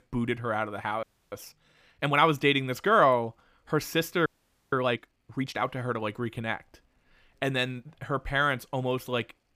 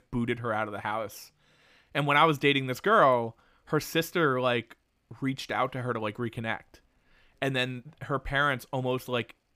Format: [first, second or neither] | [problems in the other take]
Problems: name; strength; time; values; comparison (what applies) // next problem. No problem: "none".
second | audio freezing; at 1 s and at 4.5 s